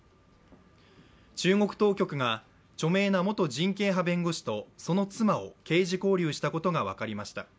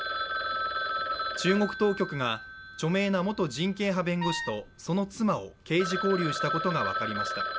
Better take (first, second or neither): first